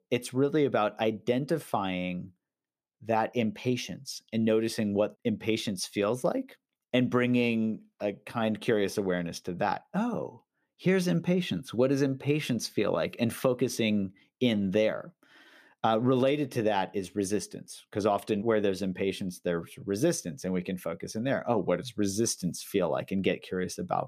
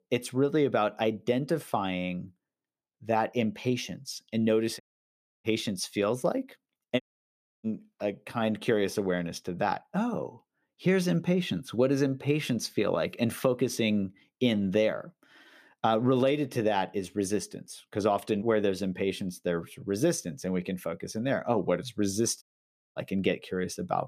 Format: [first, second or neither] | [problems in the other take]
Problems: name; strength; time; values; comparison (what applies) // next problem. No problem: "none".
first | audio cutting out; at 5 s for 0.5 s, at 7 s for 0.5 s and at 22 s for 0.5 s